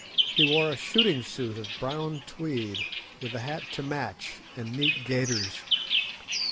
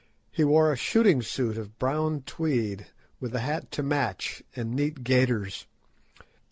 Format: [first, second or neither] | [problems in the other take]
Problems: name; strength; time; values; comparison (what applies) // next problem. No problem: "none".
second | background sound (Bird vocalization, bird call, bird song); as loud as the speech